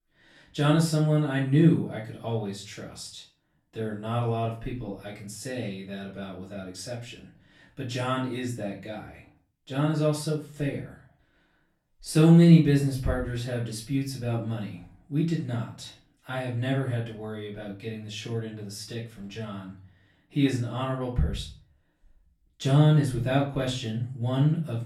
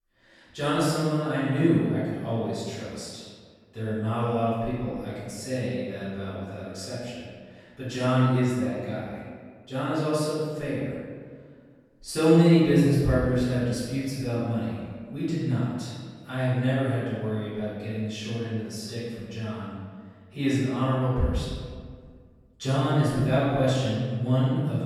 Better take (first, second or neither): first